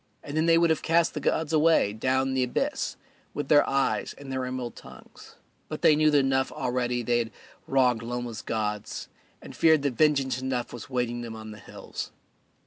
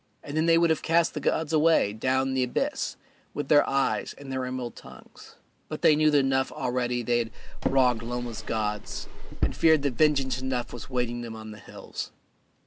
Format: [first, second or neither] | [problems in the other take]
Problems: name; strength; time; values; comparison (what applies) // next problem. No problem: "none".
first | background sound (Drawer open or close); 2 dB below the speech